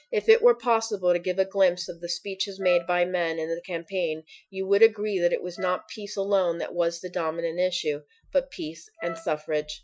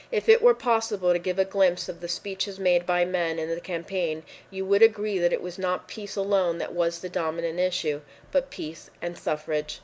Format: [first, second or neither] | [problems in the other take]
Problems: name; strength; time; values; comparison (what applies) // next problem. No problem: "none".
second | noise reduction (classical method Wiener filter)